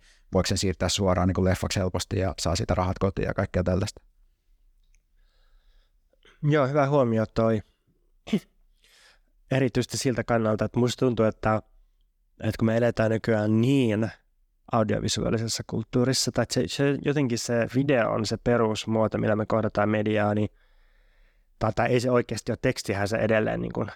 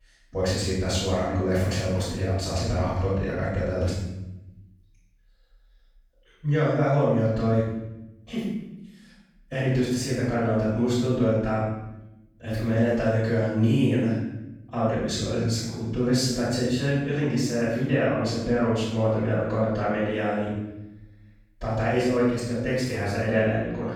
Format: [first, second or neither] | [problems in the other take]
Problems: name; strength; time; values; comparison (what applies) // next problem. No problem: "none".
first | off-mic speech; far // room echo; strong; dies away in 0.8 s